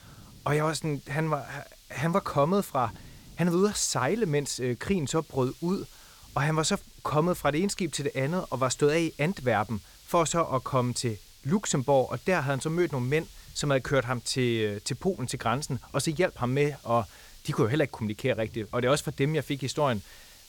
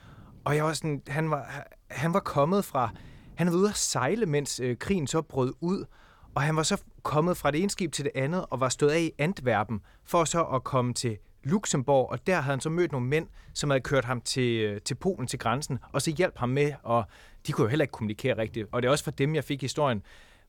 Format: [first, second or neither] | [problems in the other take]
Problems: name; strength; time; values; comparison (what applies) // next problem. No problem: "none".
second | hiss; faint; throughout; 25 dB below the speech